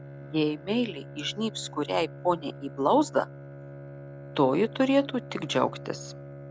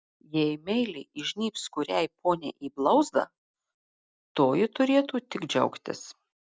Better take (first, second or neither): second